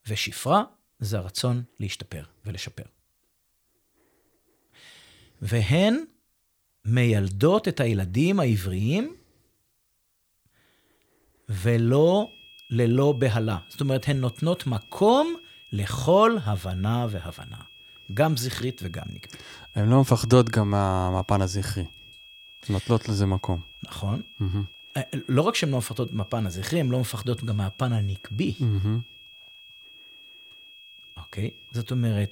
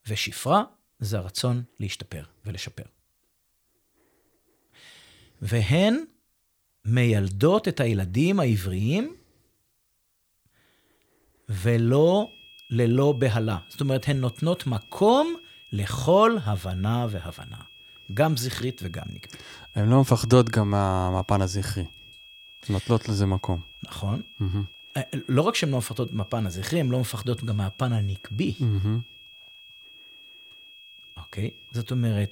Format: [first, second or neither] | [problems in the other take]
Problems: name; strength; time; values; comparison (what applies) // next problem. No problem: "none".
neither | high-pitched whine; faint; from 12 s on; 3.5 kHz, 20 dB below the speech; the same in both